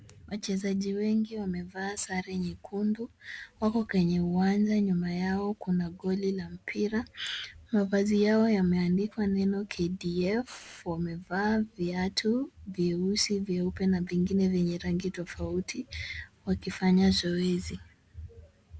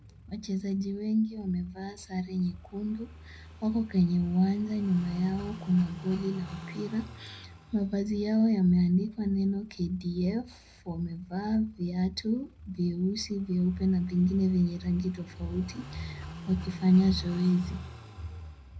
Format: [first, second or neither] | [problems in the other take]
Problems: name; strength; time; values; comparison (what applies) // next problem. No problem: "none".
first | background sound (Car passing by / Idling); 18 dB below the speech // room echo; dies away in 0.4 s